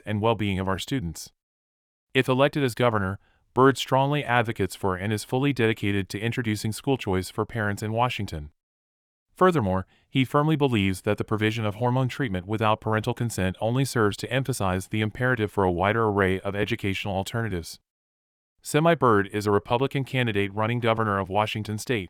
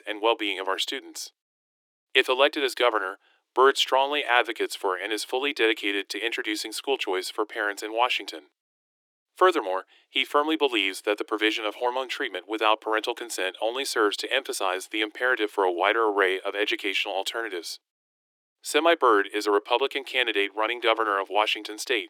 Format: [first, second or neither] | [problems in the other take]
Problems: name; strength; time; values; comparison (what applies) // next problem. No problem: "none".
first | thin; very; fading below 300 Hz